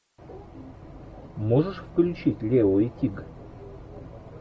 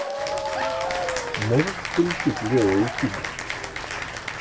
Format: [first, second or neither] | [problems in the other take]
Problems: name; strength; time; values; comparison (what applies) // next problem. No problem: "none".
first | background sound (Applause / Cheering); 3 dB below the speech